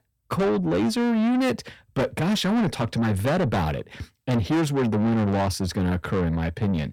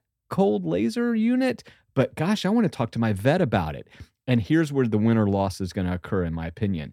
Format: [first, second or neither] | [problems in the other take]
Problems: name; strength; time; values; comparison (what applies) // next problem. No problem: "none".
second | distortion; heavy; 7 dB below the speech